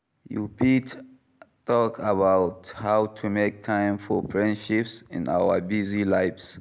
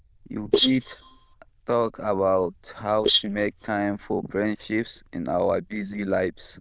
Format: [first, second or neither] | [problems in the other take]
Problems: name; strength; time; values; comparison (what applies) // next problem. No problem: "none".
first | noise reduction (neural diffusion model UNIVERSE++)